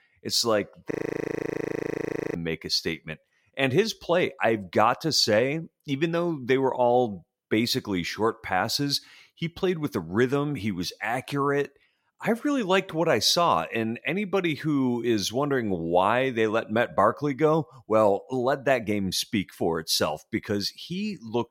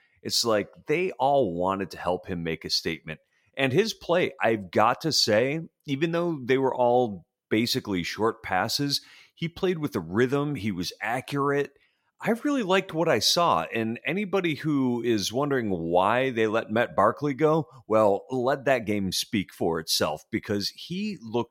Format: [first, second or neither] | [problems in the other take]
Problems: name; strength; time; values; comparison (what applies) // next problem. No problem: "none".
second | audio freezing; at 1 s for 1.5 s